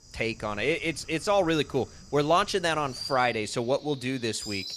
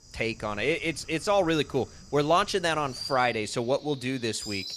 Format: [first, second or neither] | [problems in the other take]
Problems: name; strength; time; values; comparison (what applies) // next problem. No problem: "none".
neither | animal sounds; noticeable; throughout; 15 dB below the speech; the same in both